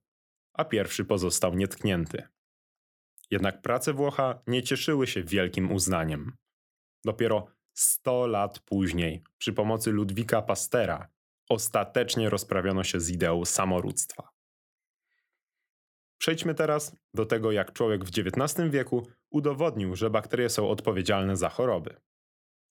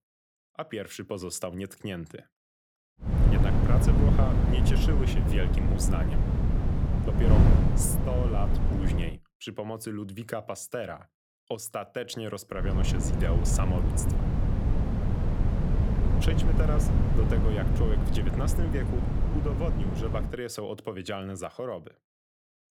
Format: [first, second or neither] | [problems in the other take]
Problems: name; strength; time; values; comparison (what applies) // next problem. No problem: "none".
first | wind noise on the microphone; heavy; from 3 to 9 s and from 13 to 20 s; as loud as the speech